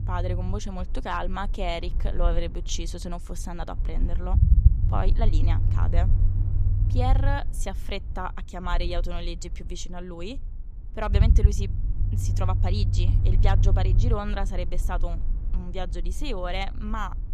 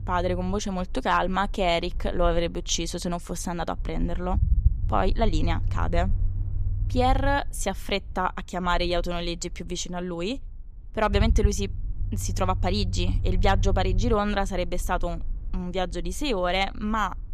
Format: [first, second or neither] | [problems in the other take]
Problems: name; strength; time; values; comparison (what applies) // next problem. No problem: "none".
second | low rumble; loud; throughout; 9 dB below the speech; faint in the second